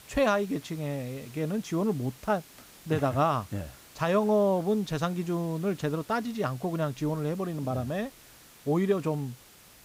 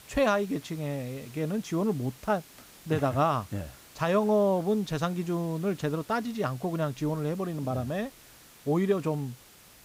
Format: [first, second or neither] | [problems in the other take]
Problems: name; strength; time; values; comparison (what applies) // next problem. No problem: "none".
neither | hiss; faint; throughout; 20 dB below the speech; the same in both